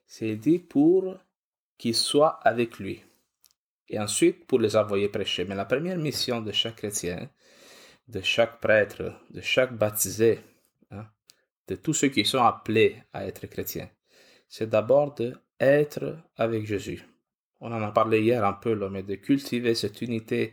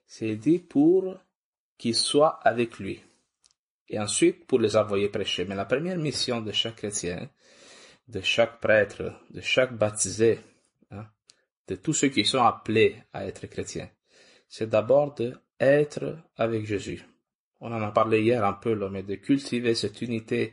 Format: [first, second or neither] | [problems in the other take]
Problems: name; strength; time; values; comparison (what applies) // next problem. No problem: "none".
first | garbled, watery; slightly; nothing above 10 kHz